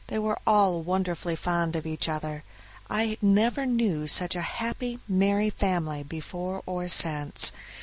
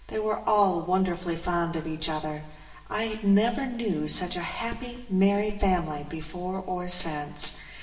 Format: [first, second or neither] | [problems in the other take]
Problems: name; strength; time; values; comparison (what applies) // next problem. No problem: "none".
first | room echo; dies away in 1.1 s